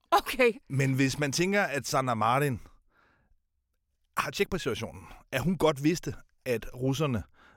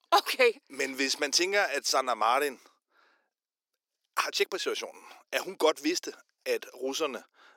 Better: first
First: none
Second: thin; somewhat; fading below 350 Hz

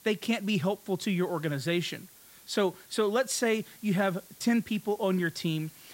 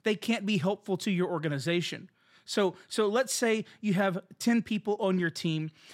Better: second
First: hiss; faint; throughout; 20 dB below the speech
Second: none

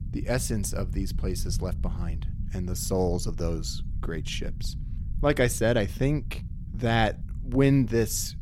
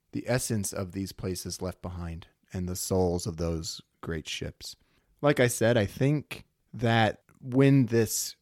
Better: second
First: low rumble; faint; throughout; 20 dB below the speech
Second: none

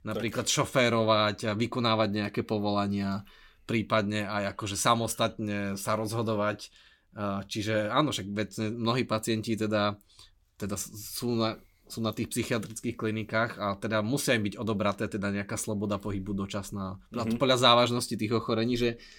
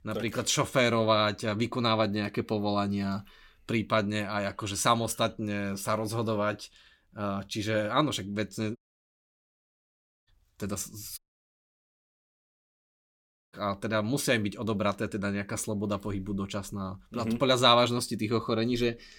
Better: first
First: none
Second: audio cutting out; at 9 s for 1.5 s and at 11 s for 2.5 s

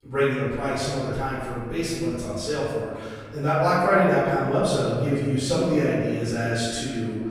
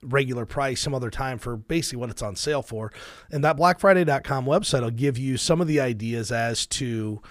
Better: second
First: off-mic speech; far // room echo; strong; dies away in 1.7 s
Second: none

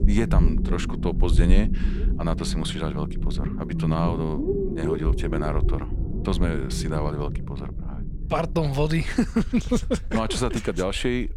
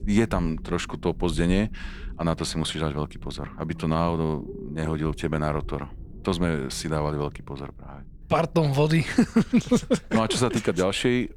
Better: second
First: low rumble; loud; throughout; 7 dB below the speech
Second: low rumble; faint; throughout; 20 dB below the speech

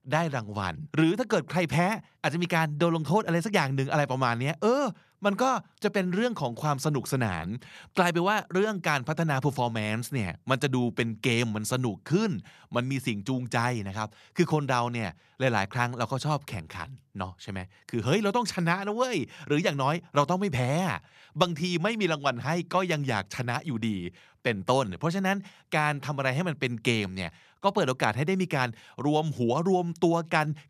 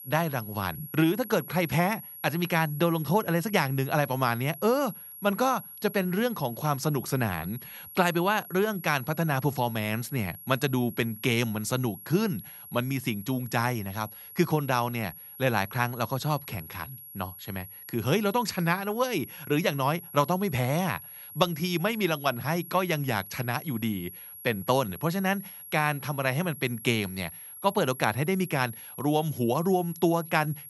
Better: first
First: none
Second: high-pitched whine; noticeable; throughout; 11.5 kHz, 15 dB below the speech

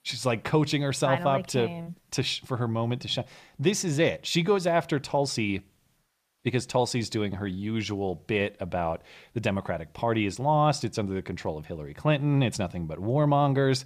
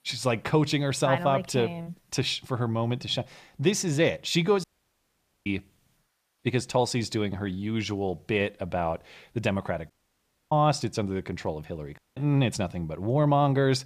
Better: first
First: none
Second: audio cutting out; at 4.5 s for 1 s, at 10 s for 0.5 s and at 12 s

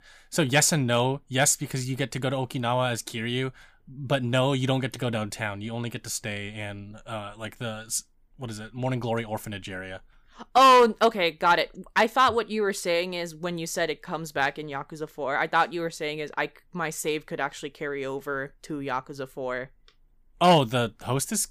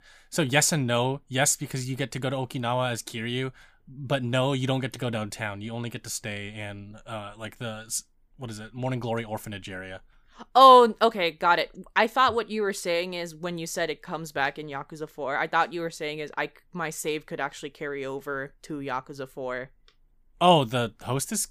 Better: second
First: distortion; slight; 0.8% of the sound clipped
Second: none

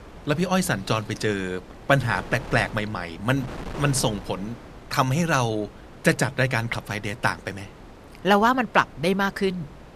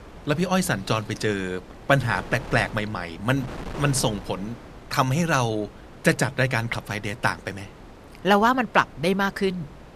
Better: neither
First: wind noise on the microphone; occasional gusts; 20 dB below the speech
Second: wind noise on the microphone; occasional gusts; 20 dB below the speech

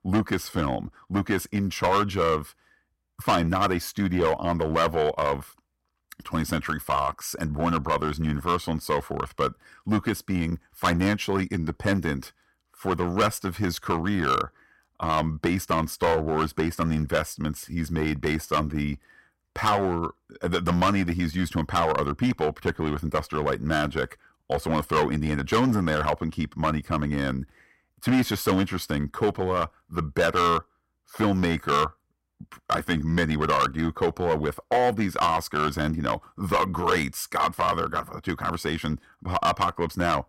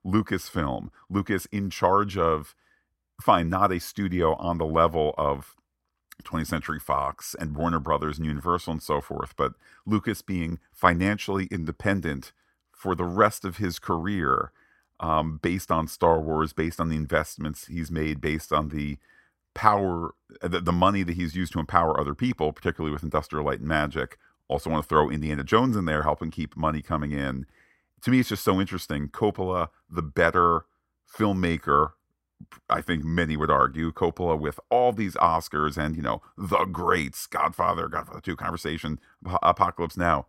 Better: second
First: distortion; heavy; 6% of the sound clipped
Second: none

